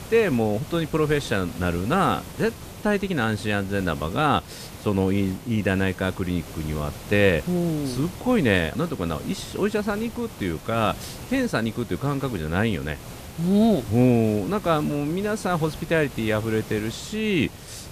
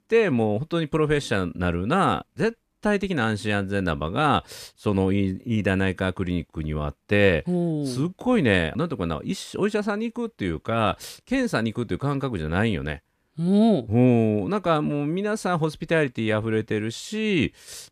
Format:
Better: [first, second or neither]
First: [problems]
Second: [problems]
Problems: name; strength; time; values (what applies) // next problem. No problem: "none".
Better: second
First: hiss; noticeable; throughout; 15 dB below the speech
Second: none